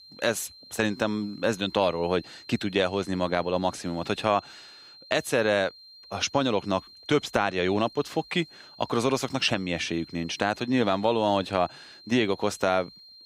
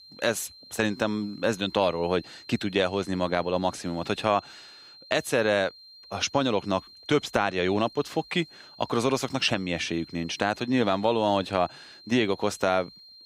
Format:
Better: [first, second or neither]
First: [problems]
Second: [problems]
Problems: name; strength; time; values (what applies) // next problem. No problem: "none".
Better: neither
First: high-pitched whine; faint; throughout; 4 kHz, 20 dB below the speech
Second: high-pitched whine; faint; throughout; 4 kHz, 20 dB below the speech